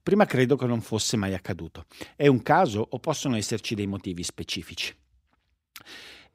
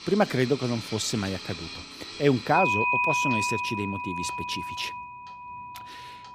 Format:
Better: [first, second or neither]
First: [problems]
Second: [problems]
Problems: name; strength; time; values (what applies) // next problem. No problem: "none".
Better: first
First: none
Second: household noises; loud; throughout; 1 dB below the speech